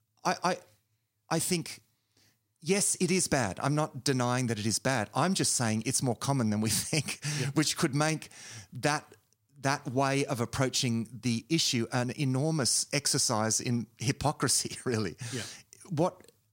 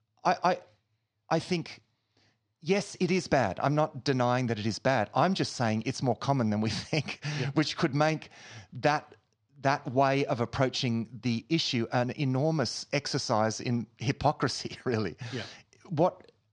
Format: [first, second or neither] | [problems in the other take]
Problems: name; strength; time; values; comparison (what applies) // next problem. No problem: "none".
first | muffled; slightly; fading above 5 kHz